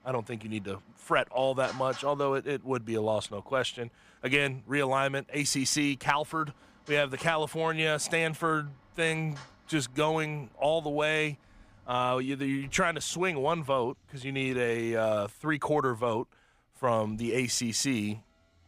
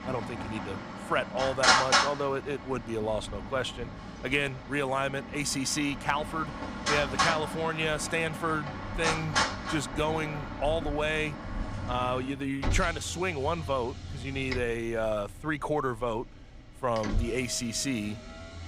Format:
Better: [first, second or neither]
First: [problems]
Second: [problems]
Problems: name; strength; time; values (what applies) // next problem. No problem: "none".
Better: first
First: traffic noise; faint; throughout; 25 dB below the speech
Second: traffic noise; loud; throughout; 2 dB below the speech